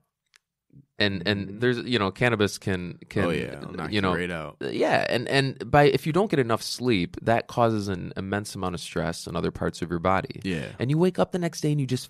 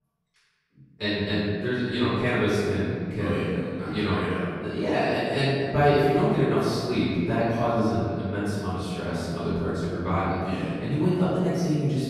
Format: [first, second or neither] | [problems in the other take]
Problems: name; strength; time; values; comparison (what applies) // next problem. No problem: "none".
first | room echo; strong; dies away in 2.4 s // off-mic speech; far